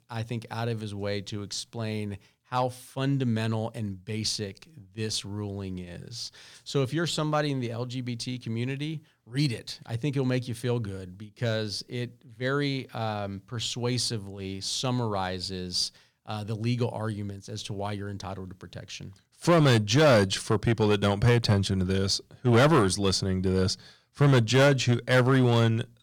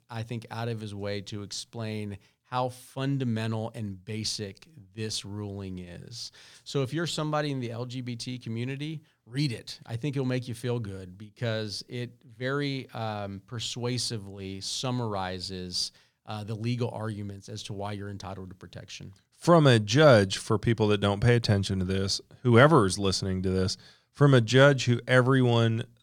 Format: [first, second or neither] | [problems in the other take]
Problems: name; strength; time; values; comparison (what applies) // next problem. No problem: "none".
second | distortion; slight; 2% of the sound clipped